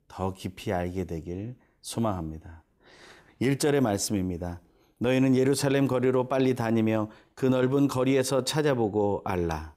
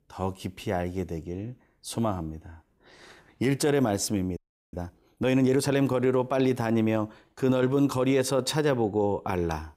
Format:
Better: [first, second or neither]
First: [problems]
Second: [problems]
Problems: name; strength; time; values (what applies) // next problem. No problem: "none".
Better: first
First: none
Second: audio freezing; at 4.5 s